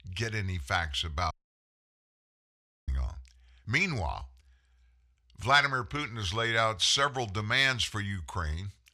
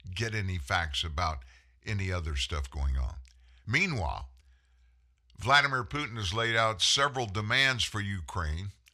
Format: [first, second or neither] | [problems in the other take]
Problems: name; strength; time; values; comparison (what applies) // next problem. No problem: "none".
second | audio cutting out; at 1.5 s for 1.5 s